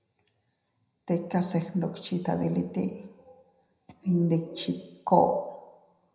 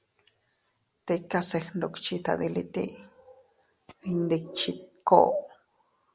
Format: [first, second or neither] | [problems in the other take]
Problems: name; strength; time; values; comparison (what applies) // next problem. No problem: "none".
second | room echo; dies away in 0.8 s